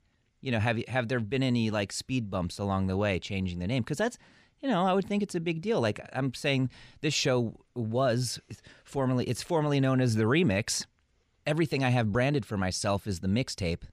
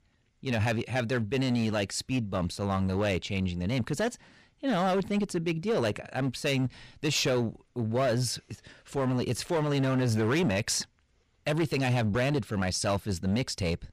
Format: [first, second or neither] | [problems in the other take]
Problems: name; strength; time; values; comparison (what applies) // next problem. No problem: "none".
first | distortion; slight; 9% of the sound clipped